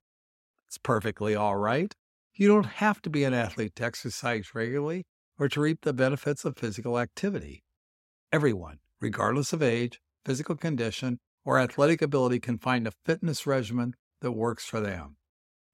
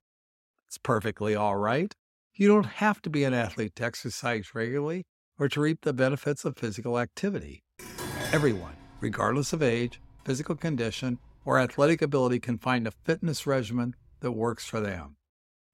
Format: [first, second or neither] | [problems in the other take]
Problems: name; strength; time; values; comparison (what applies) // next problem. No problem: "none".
first | clattering dishes; noticeable; from 8 to 11 s; peak 5 dB below the speech